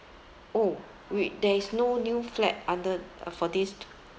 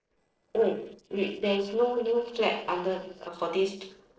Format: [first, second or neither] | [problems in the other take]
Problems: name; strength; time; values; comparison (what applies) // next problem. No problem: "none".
first | noise reduction (neural separator model SepFormer DNS4)